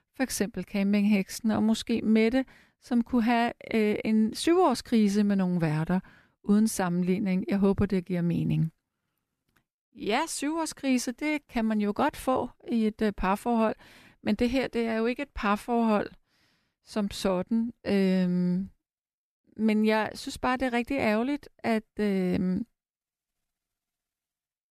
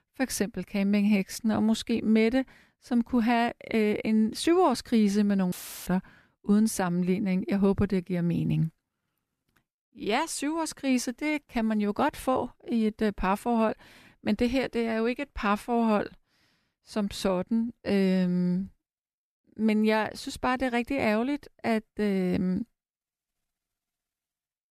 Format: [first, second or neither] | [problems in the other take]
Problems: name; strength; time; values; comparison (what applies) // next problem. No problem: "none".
first | audio cutting out; filled with static; at 5.5 s